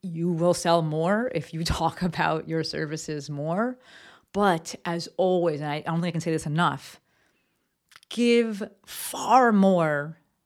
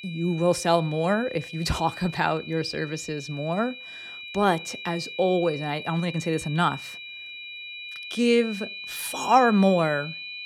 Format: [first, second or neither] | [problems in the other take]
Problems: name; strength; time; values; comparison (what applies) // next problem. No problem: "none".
first | high-pitched whine; noticeable; throughout; 2.5 kHz, 10 dB below the speech